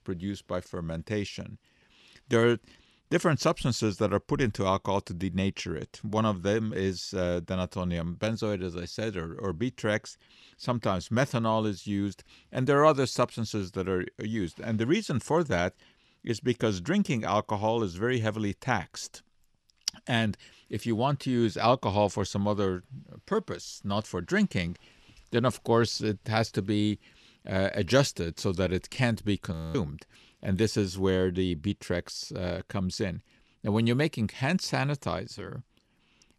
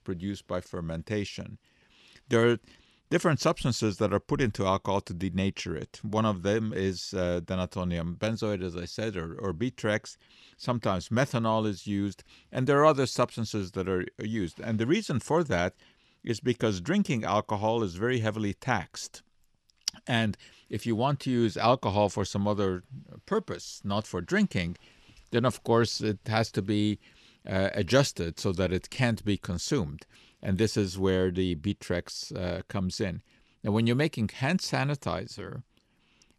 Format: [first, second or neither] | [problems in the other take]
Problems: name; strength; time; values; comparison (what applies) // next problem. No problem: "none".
second | audio freezing; at 30 s